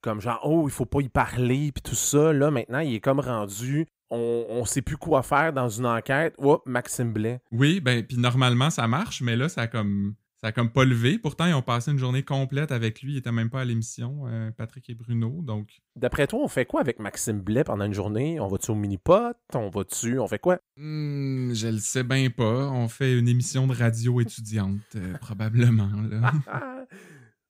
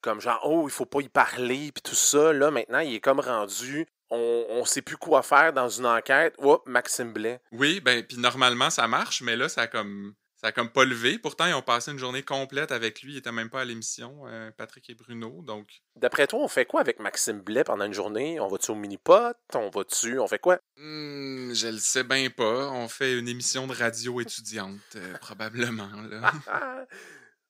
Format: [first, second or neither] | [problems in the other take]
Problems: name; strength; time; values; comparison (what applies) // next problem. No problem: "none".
first | thin; very; fading below 450 Hz